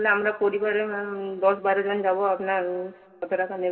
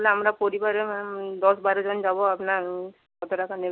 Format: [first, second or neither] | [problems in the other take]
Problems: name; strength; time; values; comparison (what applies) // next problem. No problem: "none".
second | room echo; dies away in 2 s